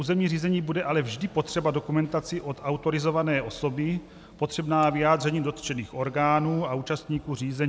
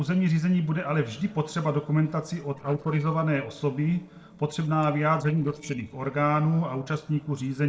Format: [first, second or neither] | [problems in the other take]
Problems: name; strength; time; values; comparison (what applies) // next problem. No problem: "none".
first | noise reduction (neural separator model SepFormer DNS4)